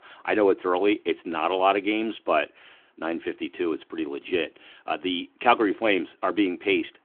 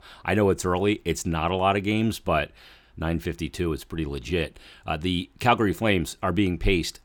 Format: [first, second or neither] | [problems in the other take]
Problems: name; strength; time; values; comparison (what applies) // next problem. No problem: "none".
second | phone-call audio; nothing above 3.5 kHz